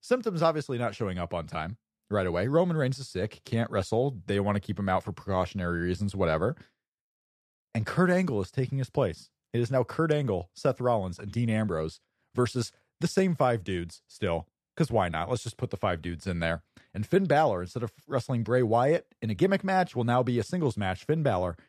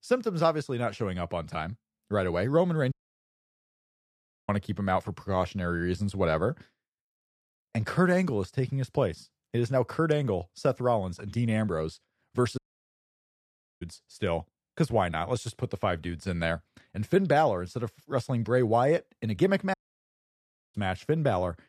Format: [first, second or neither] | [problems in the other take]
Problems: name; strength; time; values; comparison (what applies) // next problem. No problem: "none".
first | audio cutting out; at 3 s for 1.5 s, at 13 s for 1 s and at 20 s for 1 s